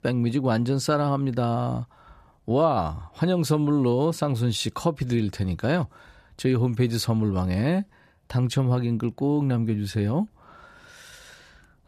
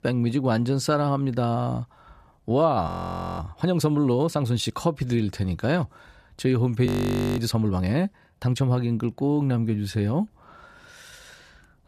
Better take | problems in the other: first | audio freezing; at 3 s for 0.5 s and at 7 s for 0.5 s

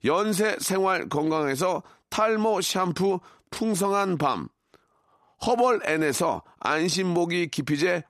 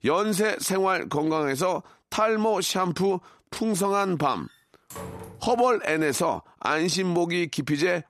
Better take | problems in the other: first | door banging; faint; from 4.5 to 5.5 s; peak 15 dB below the speech

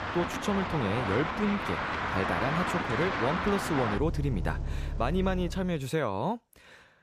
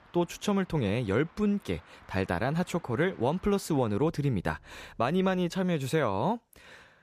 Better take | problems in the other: second | traffic noise; loud; until 5.5 s; 1 dB below the speech; faint in the second

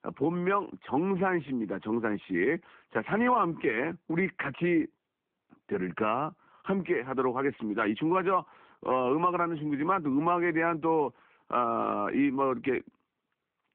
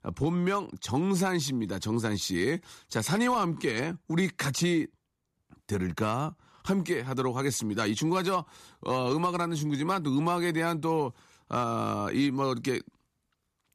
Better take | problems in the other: second | phone-call audio

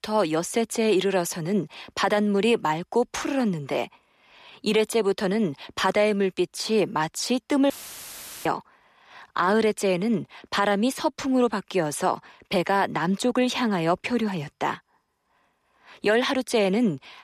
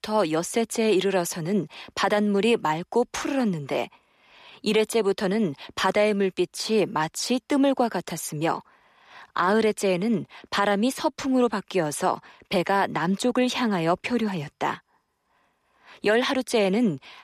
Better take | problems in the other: second | audio cutting out; filled with static; at 7.5 s for 0.5 s

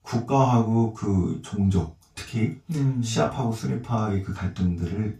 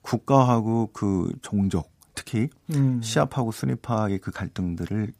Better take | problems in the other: second | room echo; slight; dies away in 0.2 s // off-mic speech; far

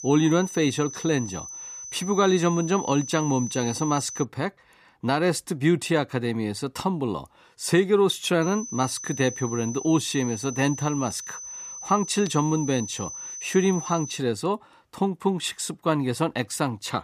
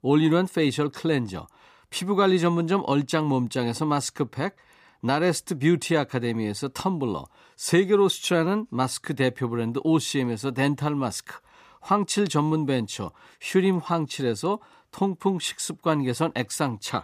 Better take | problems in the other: second | high-pitched whine; loud; until 4 s and from 8.5 to 14 s; 6 kHz, 10 dB below the speech

